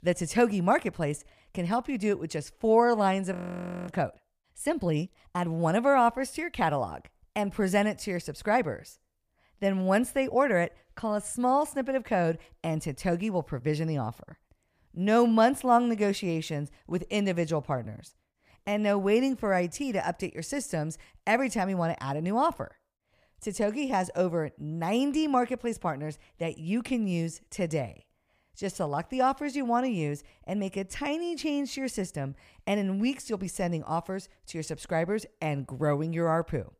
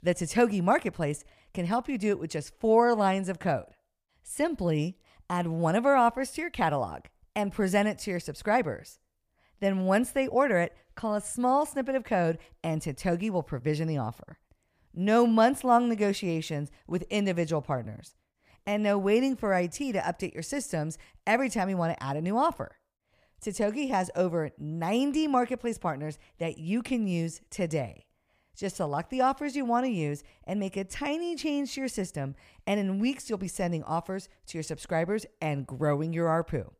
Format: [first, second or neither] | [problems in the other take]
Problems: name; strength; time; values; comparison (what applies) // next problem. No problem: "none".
second | audio freezing; at 3.5 s for 0.5 s